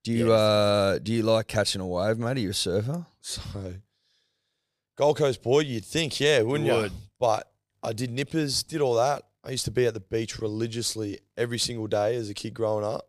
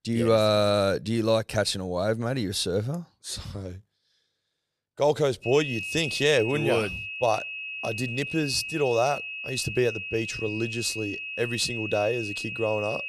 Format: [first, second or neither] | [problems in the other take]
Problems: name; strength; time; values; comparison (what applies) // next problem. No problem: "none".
first | high-pitched whine; loud; from 5.5 s on; 2.5 kHz, 6 dB below the speech